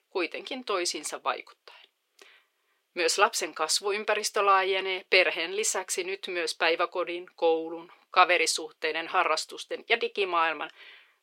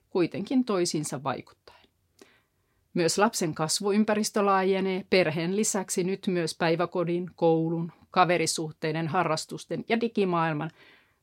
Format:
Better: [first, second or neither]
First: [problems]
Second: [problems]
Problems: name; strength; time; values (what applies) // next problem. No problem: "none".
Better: second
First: thin; very; fading below 400 Hz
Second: none